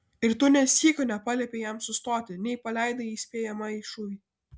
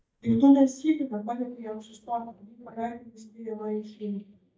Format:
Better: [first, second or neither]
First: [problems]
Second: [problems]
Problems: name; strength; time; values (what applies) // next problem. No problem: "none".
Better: first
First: none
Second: noise reduction (neural mask model DeepFilterNet 3)